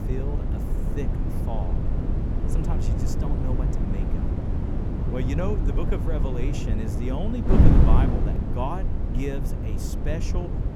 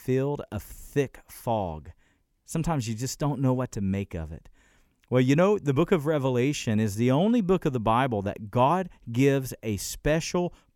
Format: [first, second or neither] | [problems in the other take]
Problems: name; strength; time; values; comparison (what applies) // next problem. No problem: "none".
second | wind noise on the microphone; heavy; as loud as the speech